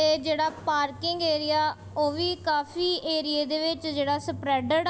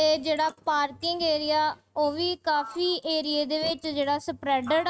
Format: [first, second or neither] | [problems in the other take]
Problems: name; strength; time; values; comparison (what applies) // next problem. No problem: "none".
first | noise reduction (neural mask model RNNoise)